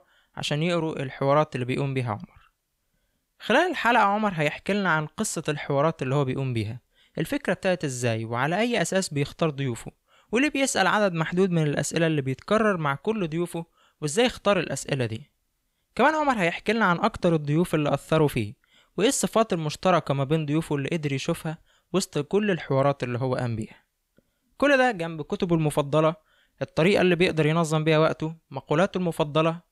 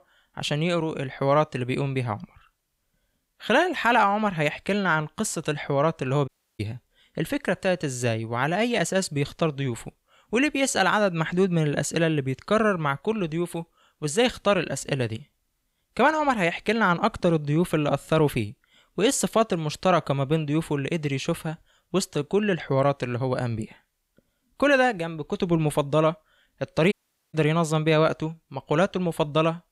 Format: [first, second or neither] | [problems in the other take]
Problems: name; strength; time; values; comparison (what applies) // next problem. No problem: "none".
first | audio cutting out; at 6.5 s and at 27 s